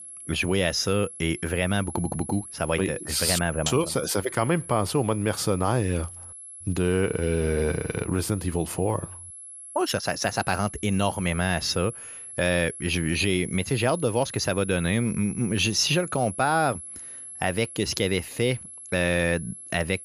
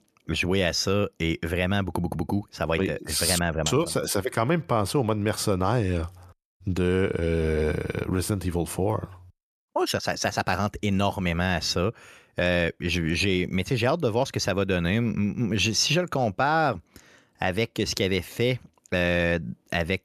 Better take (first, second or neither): second